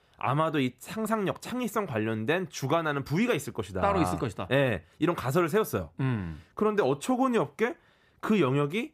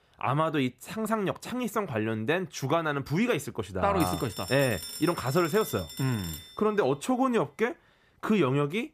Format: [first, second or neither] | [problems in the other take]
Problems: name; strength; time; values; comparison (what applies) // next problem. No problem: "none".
first | phone ringing; noticeable; from 4 to 6.5 s; peak 8 dB below the speech